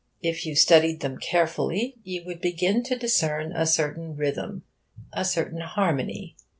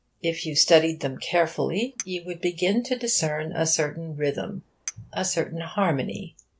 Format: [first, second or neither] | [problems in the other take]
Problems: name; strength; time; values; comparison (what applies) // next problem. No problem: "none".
first | background sound (Chink, clink); 19 dB below the speech